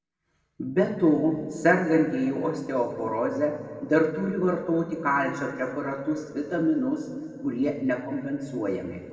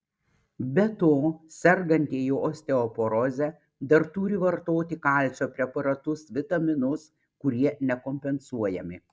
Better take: second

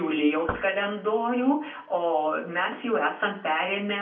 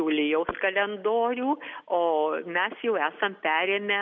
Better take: second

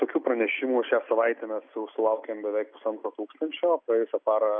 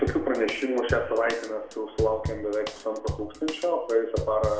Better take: first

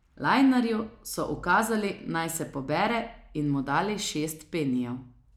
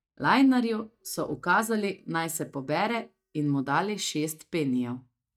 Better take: first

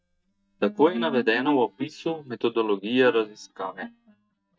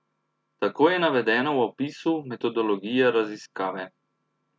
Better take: second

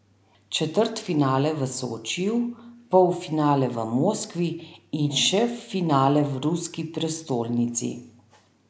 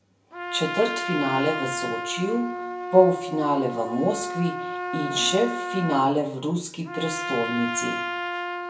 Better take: first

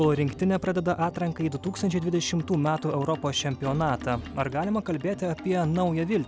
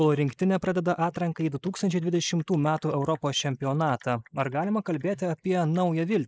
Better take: first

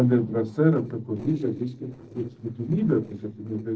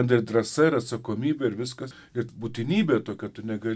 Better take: second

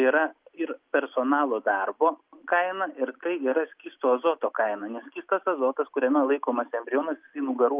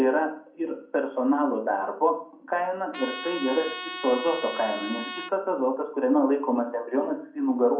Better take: first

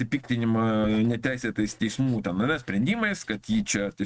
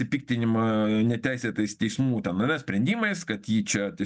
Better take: second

